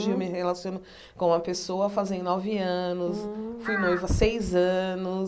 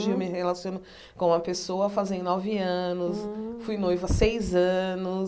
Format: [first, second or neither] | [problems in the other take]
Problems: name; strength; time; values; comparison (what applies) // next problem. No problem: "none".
second | background sound (Crow); 10 dB below the speech